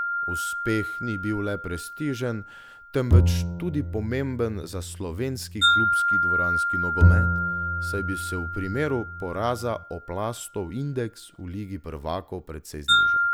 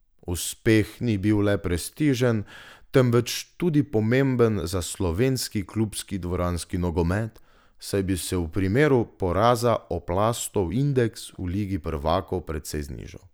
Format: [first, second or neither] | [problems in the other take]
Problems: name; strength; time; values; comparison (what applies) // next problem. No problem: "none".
second | background sound (Bowed string instrument + Wind chime); 5 dB above the speech